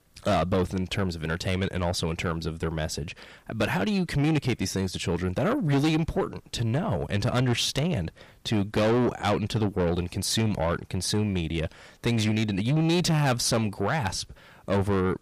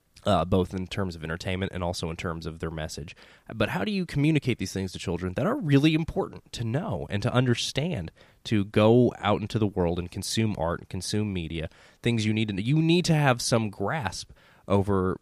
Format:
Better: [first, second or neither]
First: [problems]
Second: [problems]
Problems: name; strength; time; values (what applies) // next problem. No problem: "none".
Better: second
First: distortion; heavy; 7 dB below the speech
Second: none